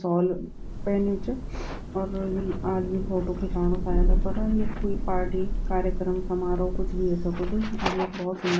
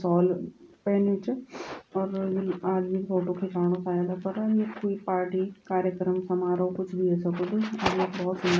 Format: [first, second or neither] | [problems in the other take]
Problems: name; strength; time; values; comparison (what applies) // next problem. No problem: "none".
second | background sound (Thunder / Rain); as loud as the speech